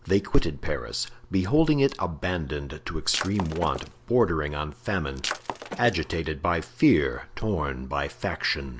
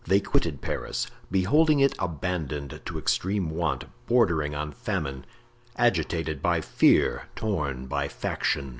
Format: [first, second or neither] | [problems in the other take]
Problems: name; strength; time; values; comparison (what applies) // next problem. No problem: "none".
second | background sound (Shatter); 9 dB below the speech